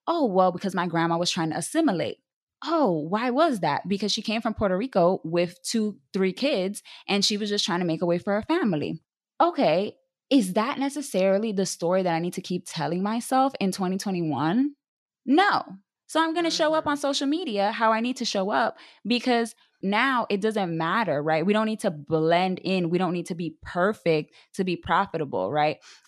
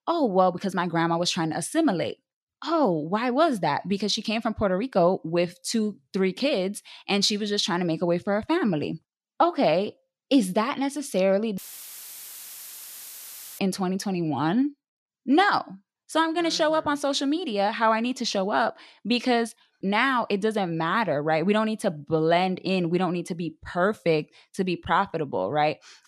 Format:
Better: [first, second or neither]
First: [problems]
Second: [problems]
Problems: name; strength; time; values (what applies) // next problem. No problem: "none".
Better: first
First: none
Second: audio cutting out; filled with static; at 12 s for 2 s